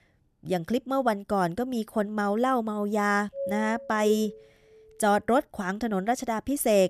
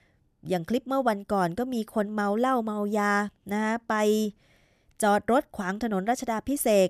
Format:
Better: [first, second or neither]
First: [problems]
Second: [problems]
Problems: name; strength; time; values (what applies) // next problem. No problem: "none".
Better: second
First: doorbell; noticeable; from 3.5 to 4.5 s; peak 7 dB below the speech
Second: none